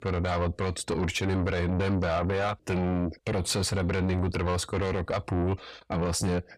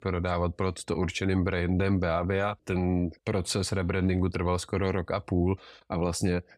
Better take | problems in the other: second | distortion; heavy; 7 dB below the speech

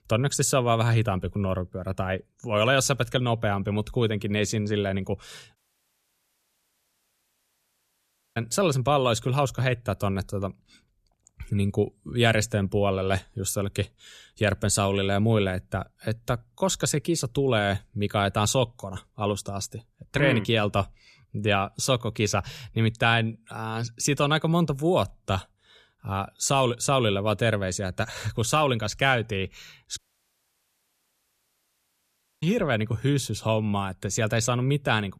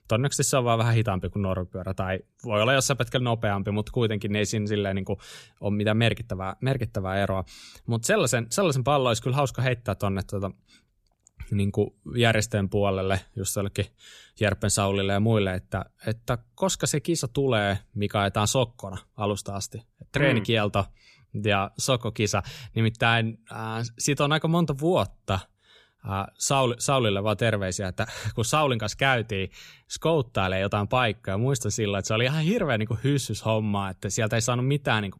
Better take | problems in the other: second | audio cutting out; at 5.5 s for 3 s and at 30 s for 2.5 s

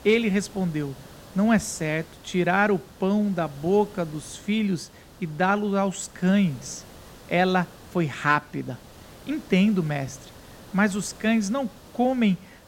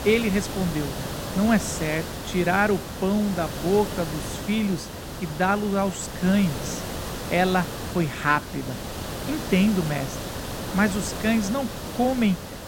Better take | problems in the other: first | hiss; loud; throughout; 8 dB below the speech; faint in the first

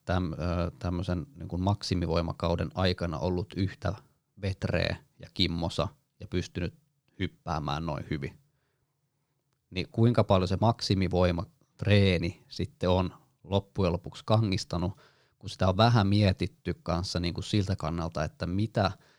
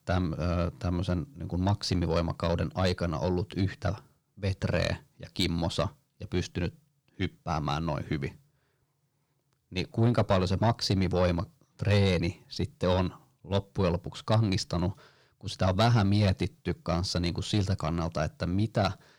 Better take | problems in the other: first | distortion; slight; 10 dB below the speech

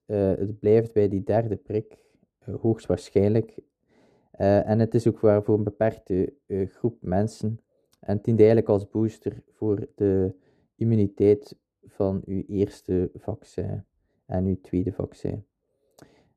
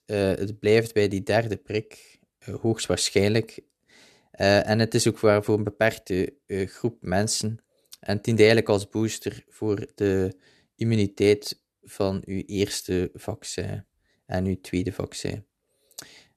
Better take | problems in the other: second | muffled; very; fading above 1.5 kHz

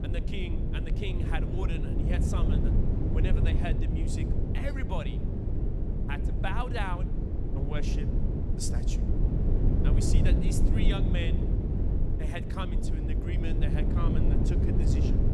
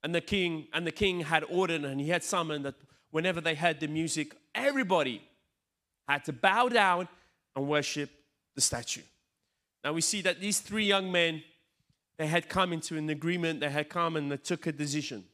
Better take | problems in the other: second | low rumble; loud; throughout; as loud as the speech

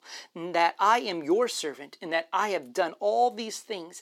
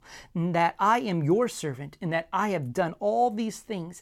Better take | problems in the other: second | thin; somewhat; fading below 300 Hz

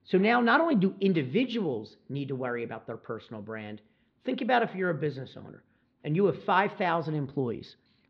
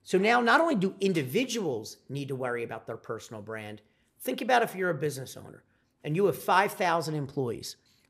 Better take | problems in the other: second | muffled; slightly; fading above 4 kHz

